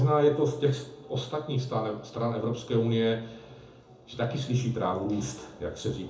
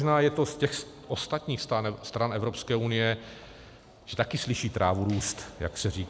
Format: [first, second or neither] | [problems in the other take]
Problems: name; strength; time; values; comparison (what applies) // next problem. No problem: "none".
second | room echo; dies away in 0.6 s